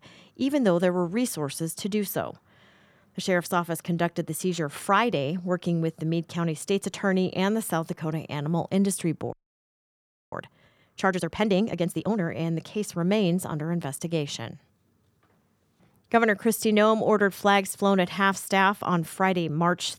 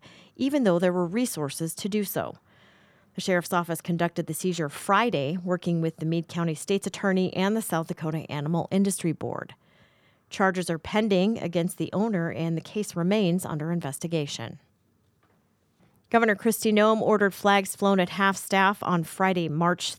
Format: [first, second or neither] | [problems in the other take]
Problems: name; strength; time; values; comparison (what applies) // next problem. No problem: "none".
second | audio freezing; at 9.5 s for 1 s